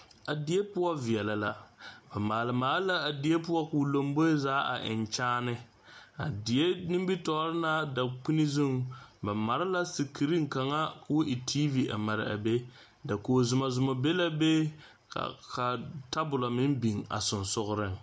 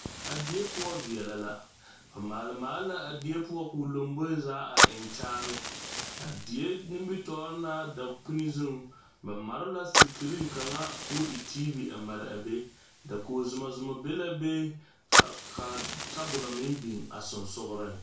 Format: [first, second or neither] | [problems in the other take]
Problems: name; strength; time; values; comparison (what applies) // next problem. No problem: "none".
first | background sound (Fire); 2 dB above the speech // room echo; dies away in 0.3 s